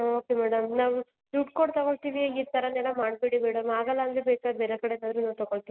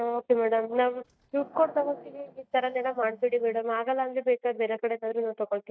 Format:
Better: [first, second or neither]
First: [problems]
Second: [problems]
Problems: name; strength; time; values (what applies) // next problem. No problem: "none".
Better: first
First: none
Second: noise reduction (neural mask model DeepFilterNet 3)